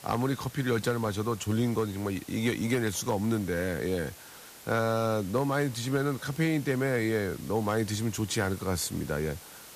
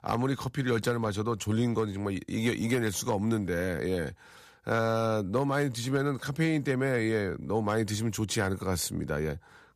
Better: second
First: hiss; noticeable; throughout; 15 dB below the speech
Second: none

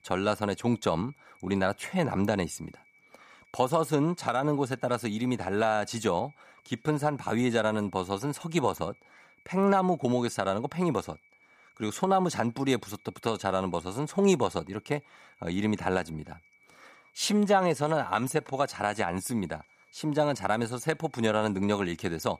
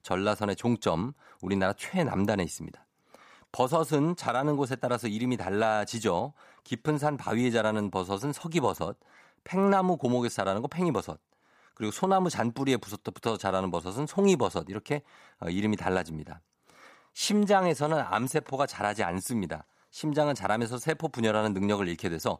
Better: second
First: high-pitched whine; faint; throughout; 2.5 kHz, 30 dB below the speech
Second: none

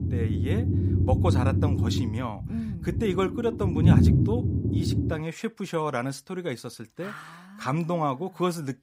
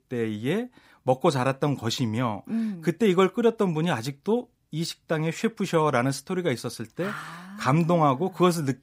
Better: second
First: low rumble; loud; until 5 s; 2 dB below the speech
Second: none

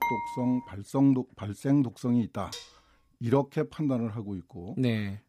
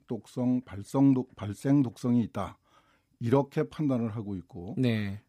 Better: second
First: clattering dishes; noticeable; at the start; peak 1 dB below the speech // clattering dishes; faint; at 2.5 s; peak 15 dB below the speech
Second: none

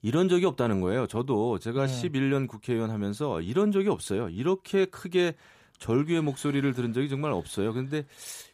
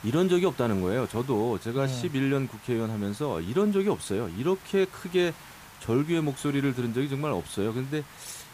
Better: first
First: none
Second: hiss; noticeable; throughout; 20 dB below the speech

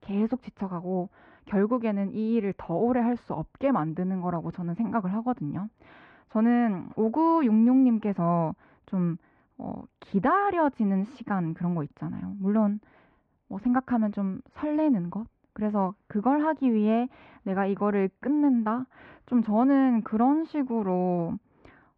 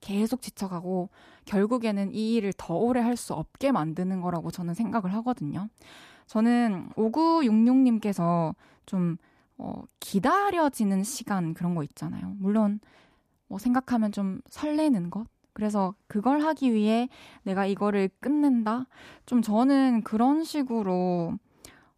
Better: second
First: muffled; very; fading above 2 kHz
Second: none

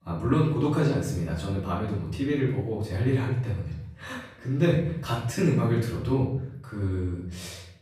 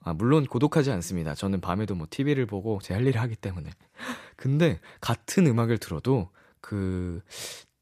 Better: second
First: off-mic speech; far // room echo; noticeable; dies away in 0.8 s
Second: none

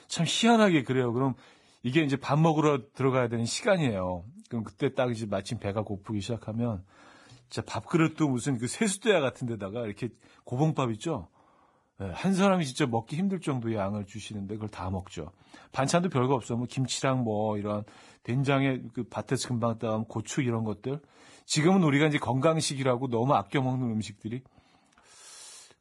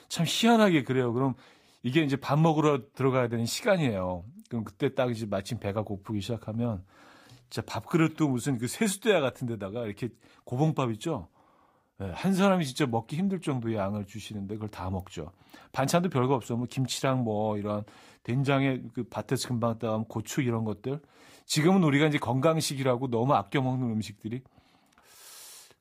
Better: second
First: garbled, watery; badly; nothing above 10.5 kHz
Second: garbled, watery; slightly; nothing above 15.5 kHz

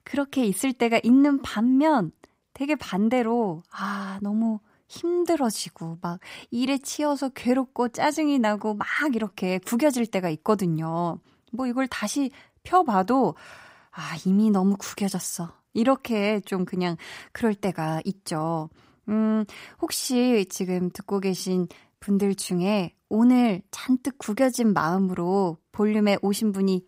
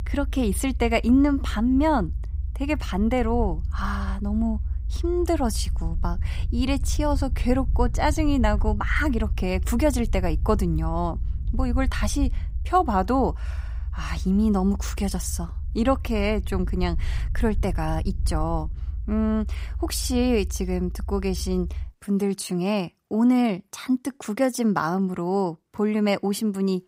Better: first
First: none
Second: low rumble; faint; until 22 s; 20 dB below the speech

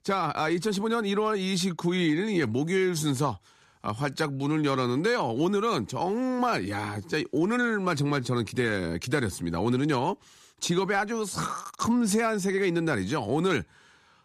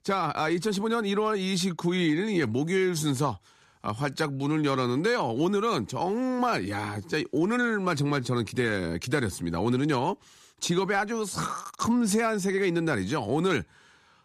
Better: neither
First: none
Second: none

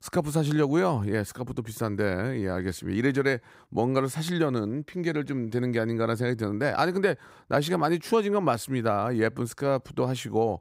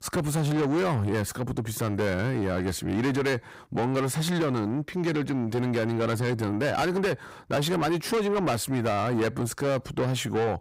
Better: first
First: none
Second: distortion; heavy; 7 dB below the speech

